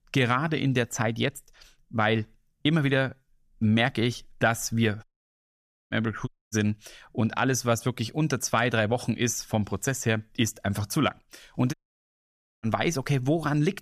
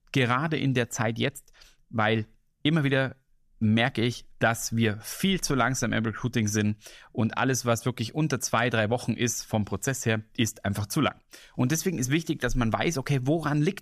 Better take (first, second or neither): second